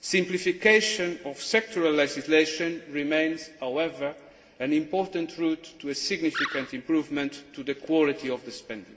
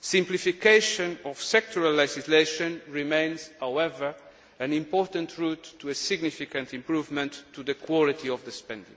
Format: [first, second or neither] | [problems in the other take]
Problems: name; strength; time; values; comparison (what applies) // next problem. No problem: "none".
second | background sound (Animal); 7 dB below the speech // room echo; dies away in 1.6 s